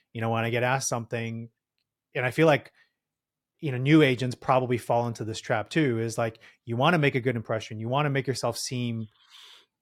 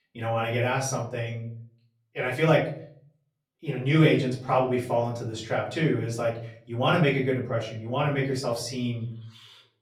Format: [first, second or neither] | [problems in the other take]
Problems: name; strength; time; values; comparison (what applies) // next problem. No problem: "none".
first | off-mic speech; far // room echo; slight; dies away in 0.4 s